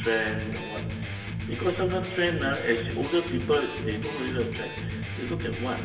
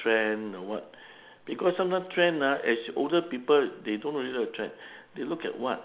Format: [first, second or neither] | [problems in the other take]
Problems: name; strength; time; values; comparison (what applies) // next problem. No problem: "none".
second | background sound (Electric guitar); 5 dB below the speech // room echo; dies away in 1.9 s